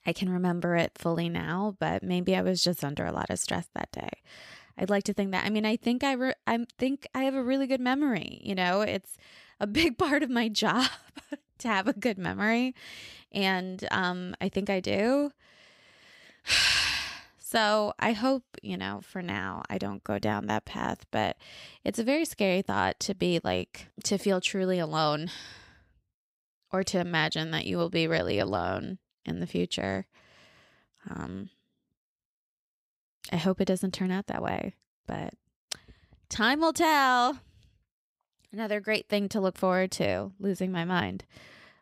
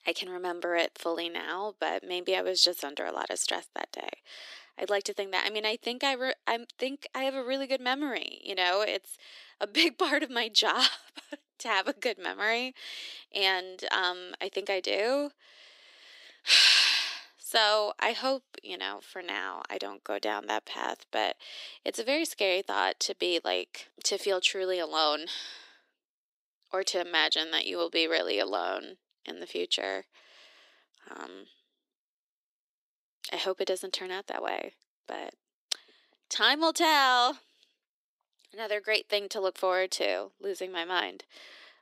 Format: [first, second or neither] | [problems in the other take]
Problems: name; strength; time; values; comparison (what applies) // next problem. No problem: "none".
first | thin; somewhat; fading below 300 Hz